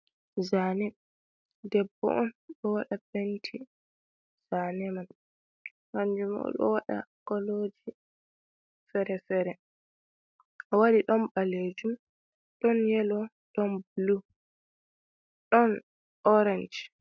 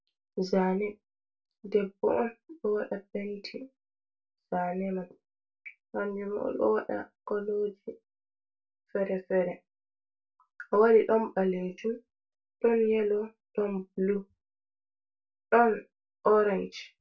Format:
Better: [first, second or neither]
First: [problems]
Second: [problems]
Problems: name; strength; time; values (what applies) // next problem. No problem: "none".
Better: first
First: none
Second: room echo; dies away in 0.2 s